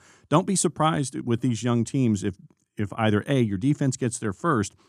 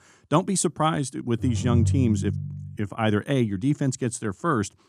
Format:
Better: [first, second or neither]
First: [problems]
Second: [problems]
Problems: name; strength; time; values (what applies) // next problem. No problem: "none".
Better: first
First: none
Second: phone ringing; loud; from 1.5 to 2.5 s; peak 2 dB above the speech